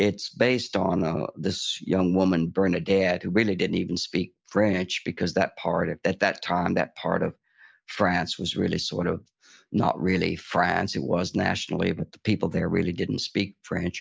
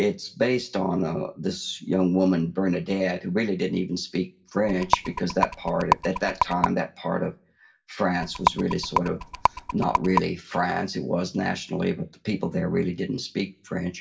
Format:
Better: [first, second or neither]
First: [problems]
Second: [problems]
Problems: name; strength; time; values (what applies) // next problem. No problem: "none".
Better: first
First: none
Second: background sound (Rattle); 1 dB below the speech // room echo; dies away in 0.2 s